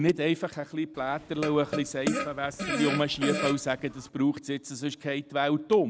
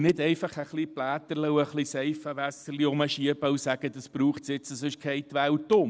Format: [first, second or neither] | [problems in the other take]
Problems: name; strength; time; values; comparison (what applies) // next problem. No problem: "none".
second | background sound (Fart); 6 dB below the speech